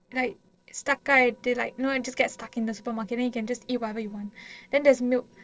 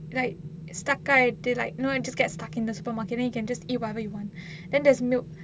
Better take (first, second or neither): second